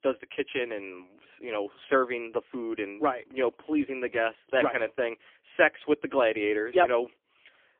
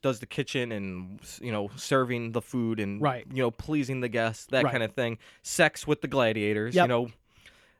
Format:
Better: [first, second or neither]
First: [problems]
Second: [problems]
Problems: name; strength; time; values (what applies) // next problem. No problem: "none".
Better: second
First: phone-call audio; poor line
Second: none